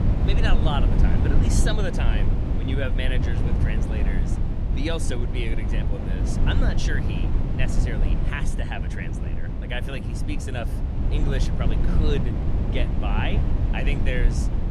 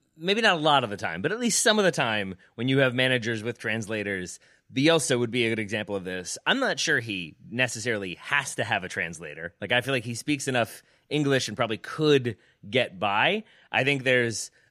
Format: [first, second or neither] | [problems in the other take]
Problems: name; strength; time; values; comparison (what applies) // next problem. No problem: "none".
second | low rumble; loud; throughout; 3 dB below the speech